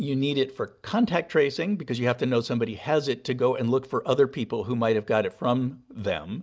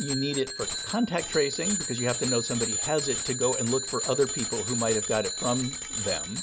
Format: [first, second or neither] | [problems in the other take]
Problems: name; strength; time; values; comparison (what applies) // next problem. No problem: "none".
first | background sound (Bicycle bell); 2 dB below the speech